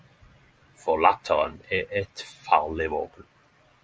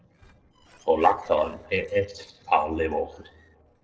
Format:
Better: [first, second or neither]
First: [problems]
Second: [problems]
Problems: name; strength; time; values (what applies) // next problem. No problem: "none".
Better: first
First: none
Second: noise reduction (neural separator model SepFormer DNS4)